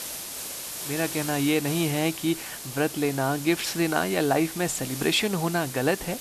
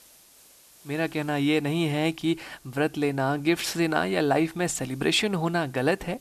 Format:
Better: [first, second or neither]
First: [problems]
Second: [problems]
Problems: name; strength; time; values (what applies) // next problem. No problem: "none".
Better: second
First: hiss; loud; throughout; 8 dB below the speech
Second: hiss; faint; throughout; 25 dB below the speech